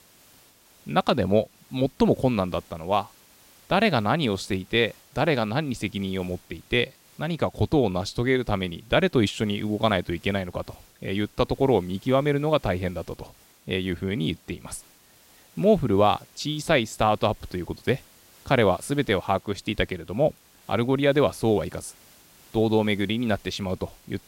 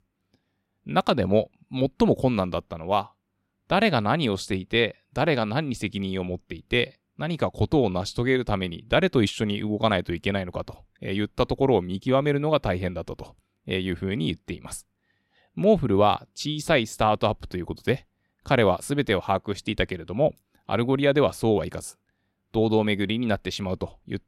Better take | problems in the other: second | hiss; faint; throughout; 30 dB below the speech

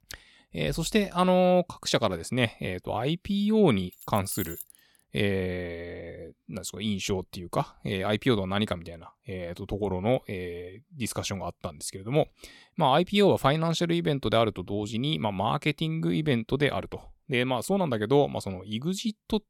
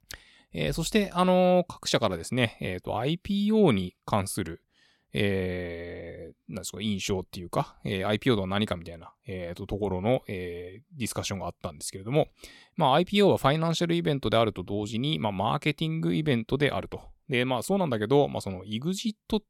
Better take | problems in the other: second | jangling keys; noticeable; at 4 s; peak 8 dB below the speech

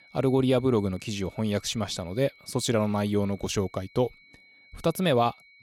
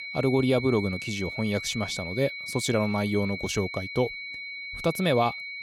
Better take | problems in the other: first | high-pitched whine; loud; throughout; 2 kHz, 7 dB below the speech; faint in the first

